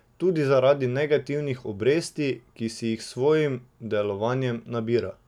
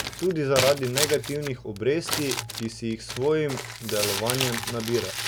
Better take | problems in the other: first | background sound (Crumpling, crinkling); 4 dB below the speech

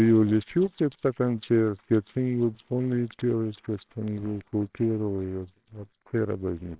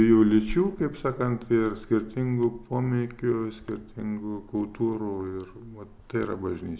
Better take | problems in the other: second | noise reduction (neural separator model SepFormer WHAMR!)

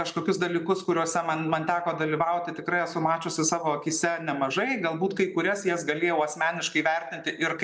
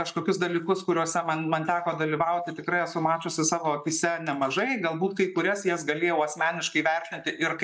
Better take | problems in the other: first | noise reduction (neural mask model Resemble Enhance denoiser)

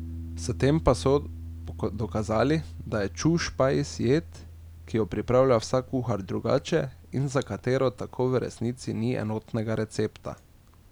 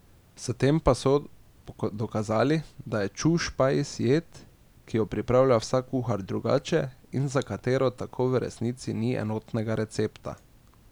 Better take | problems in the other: second | background sound (Piano); 15 dB below the speech

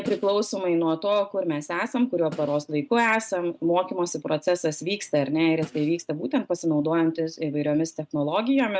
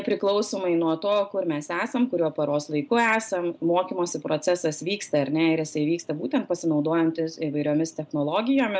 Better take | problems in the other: second | noise reduction (neural mask model RNNoise)

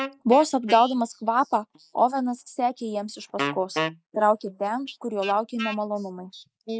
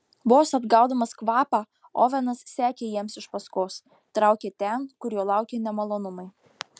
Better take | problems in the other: second | noise reduction (neural mask model Resemble Enhance denoiser)

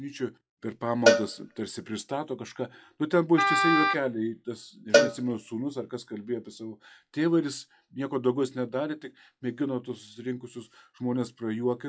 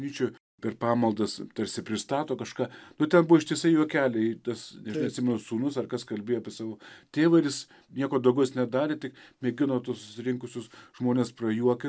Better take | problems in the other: second | noise reduction (classical method log-MMSE)

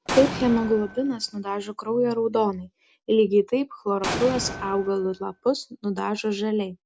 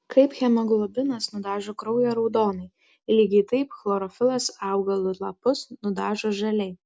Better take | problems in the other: second | background sound (Explosion); 8 dB below the speech

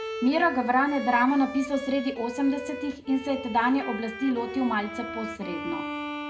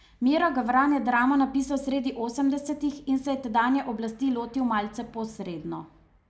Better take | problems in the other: second | background sound (Bowed string instrument); 10 dB below the speech // room echo; dies away in 0.2 s

